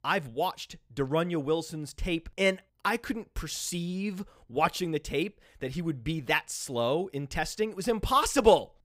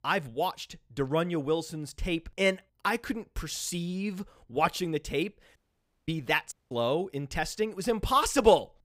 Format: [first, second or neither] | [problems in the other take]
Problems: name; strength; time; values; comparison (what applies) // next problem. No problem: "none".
first | audio cutting out; at 5.5 s for 0.5 s and at 6.5 s